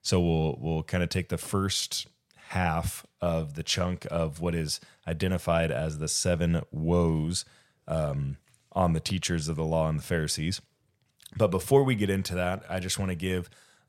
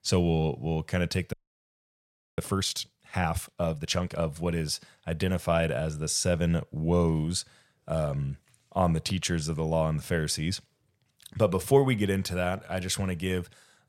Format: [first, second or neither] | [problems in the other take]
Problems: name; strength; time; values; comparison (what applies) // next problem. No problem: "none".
first | audio freezing; at 1.5 s for 1 s